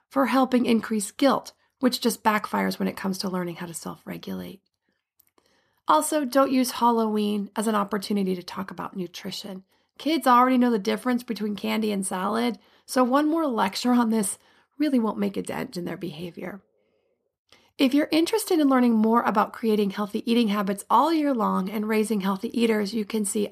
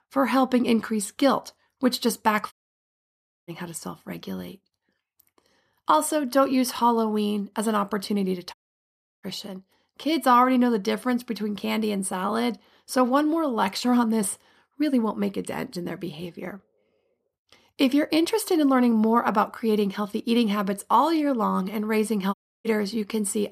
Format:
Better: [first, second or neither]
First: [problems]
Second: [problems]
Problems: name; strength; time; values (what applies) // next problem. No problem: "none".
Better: first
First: none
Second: audio cutting out; at 2.5 s for 1 s, at 8.5 s for 0.5 s and at 22 s